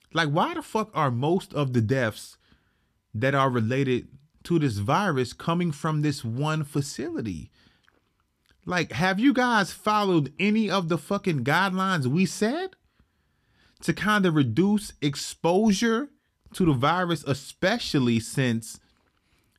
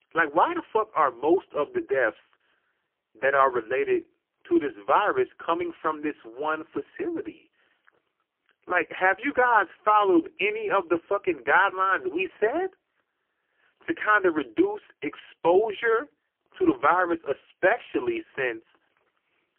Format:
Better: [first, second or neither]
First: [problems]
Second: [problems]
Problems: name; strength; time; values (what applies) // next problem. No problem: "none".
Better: first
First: none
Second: phone-call audio; poor line; nothing above 3 kHz